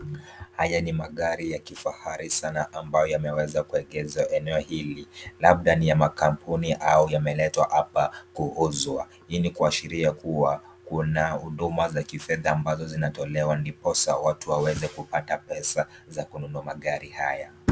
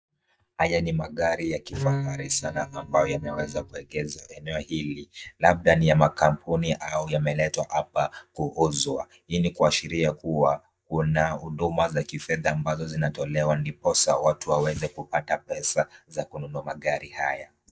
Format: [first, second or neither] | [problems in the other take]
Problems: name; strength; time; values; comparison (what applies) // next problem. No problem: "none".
first | noise reduction (neural mask model DeepFilterNet 3)